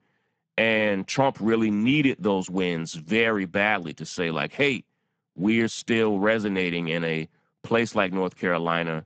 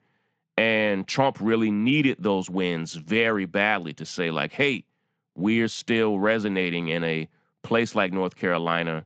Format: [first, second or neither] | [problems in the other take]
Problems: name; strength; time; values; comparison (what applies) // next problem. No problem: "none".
second | garbled, watery; badly; nothing above 8 kHz; slightly in the second